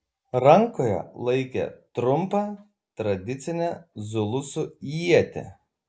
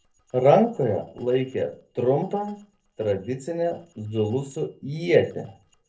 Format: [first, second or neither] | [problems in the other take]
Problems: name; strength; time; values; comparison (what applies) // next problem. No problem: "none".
first | noise reduction (neural separator model SepFormer DNS4)